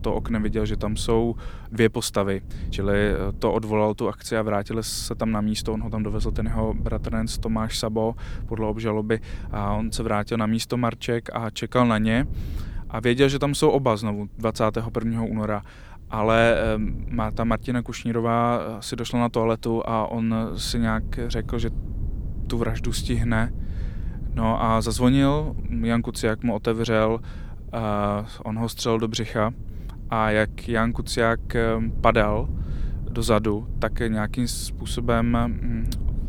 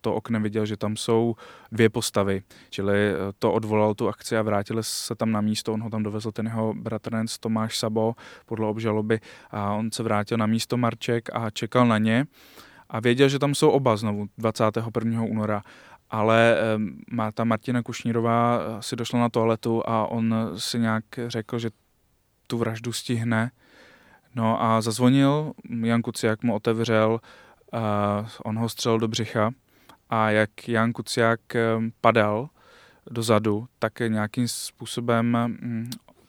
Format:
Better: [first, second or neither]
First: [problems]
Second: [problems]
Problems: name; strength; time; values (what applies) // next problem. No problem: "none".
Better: second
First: wind noise on the microphone; occasional gusts; 25 dB below the speech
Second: none